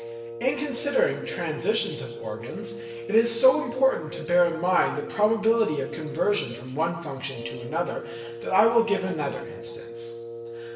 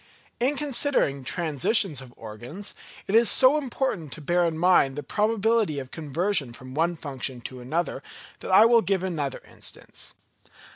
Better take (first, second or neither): second